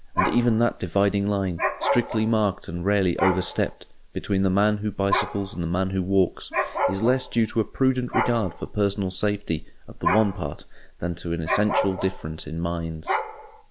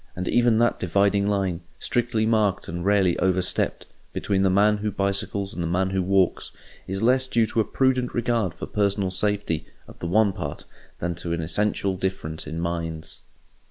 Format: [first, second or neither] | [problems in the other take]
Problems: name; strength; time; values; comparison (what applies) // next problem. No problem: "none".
second | background sound (Dog); 7 dB below the speech